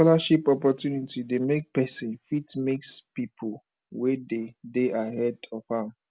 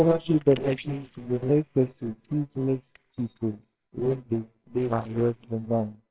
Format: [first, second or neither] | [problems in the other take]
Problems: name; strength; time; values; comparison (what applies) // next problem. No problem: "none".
first | noise reduction (neural separator model SepFormer WHAMR!)